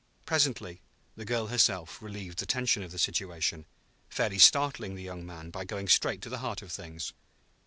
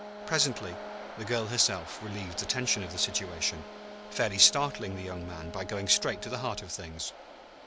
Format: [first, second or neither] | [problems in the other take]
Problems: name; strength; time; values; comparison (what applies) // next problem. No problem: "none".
first | background sound (Brass instrument + Waves, surf); 12 dB below the speech